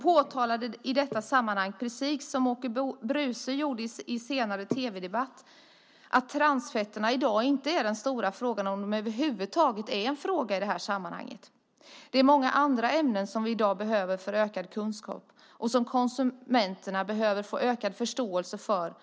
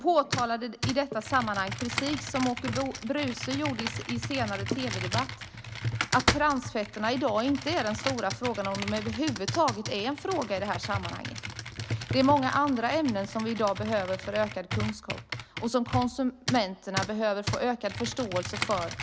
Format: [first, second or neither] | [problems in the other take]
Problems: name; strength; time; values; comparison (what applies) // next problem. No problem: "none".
first | background sound (Computer keyboard); 6 dB below the speech